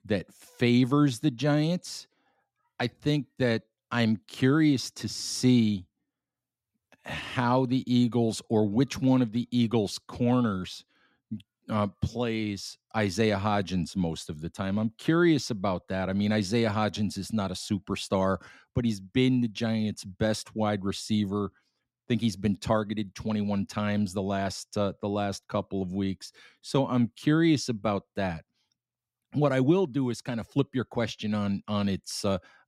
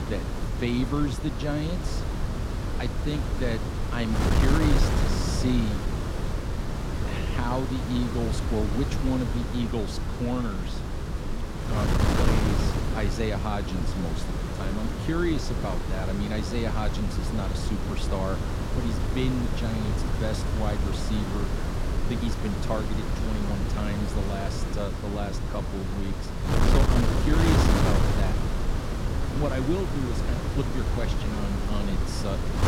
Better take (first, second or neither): first